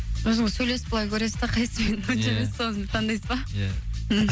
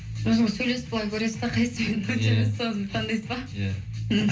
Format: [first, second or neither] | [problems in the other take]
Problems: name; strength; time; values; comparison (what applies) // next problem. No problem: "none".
first | room echo; dies away in 0.3 s